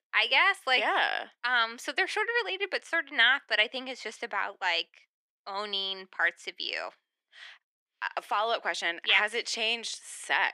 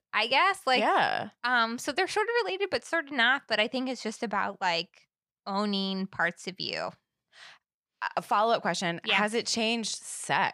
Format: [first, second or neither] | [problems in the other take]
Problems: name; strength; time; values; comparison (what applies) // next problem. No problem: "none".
second | thin; somewhat; fading below 300 Hz